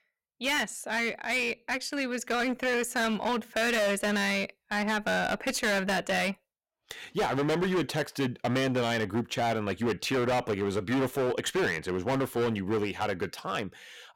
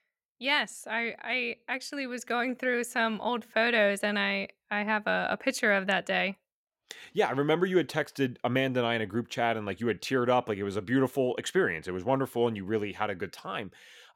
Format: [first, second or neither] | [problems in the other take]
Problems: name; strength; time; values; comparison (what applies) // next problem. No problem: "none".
second | distortion; heavy; 18% of the sound clipped